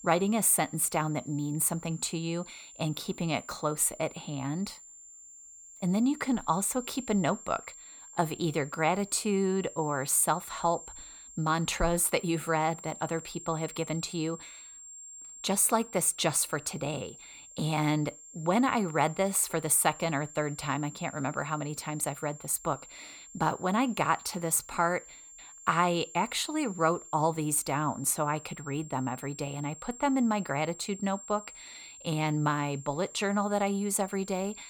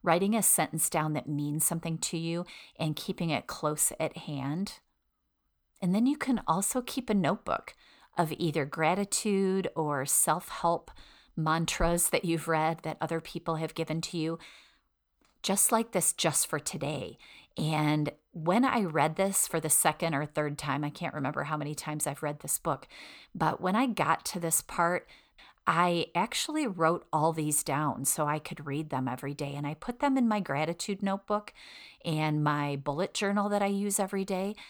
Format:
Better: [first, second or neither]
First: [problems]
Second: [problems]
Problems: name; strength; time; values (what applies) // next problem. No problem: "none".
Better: second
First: high-pitched whine; noticeable; throughout; 7.5 kHz, 15 dB below the speech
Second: none